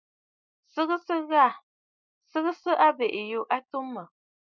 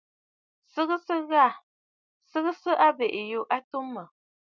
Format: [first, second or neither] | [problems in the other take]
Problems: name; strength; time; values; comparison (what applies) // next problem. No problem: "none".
second | noise reduction (neural mask model Resemble Enhance denoiser)